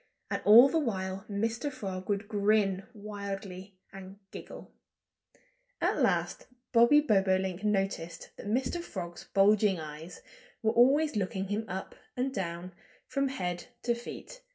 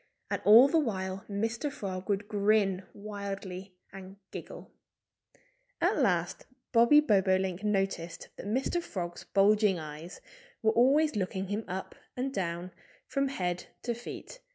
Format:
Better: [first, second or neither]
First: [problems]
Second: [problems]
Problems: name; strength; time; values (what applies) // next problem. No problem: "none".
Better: second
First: room echo; dies away in 0.2 s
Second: none